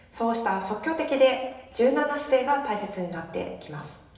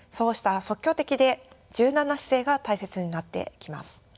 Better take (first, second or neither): second